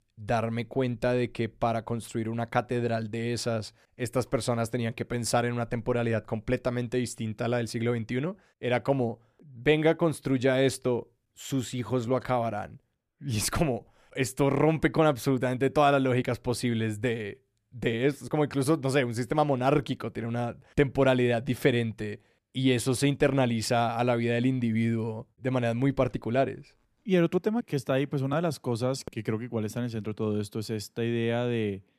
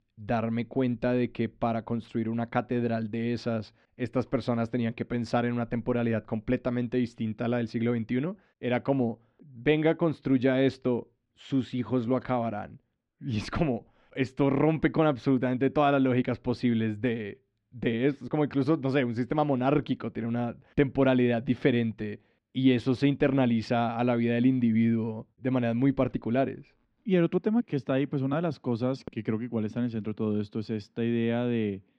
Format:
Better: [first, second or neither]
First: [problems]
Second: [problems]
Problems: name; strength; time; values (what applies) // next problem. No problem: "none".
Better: first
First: none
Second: muffled; slightly; fading above 4 kHz